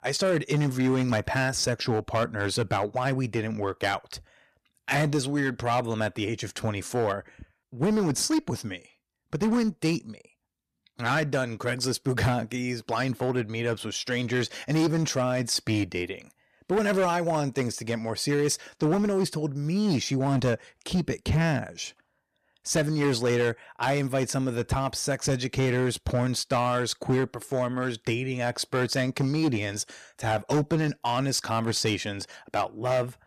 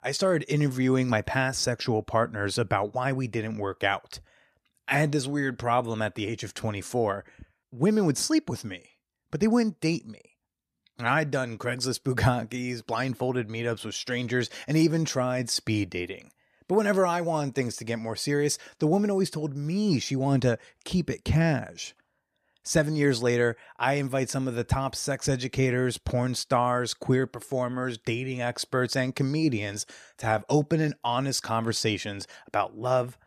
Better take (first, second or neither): second